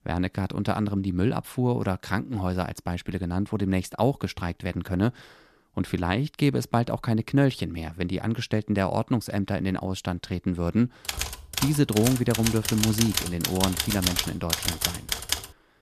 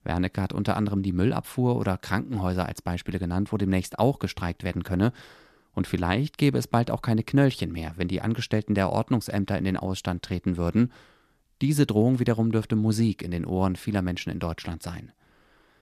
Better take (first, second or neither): second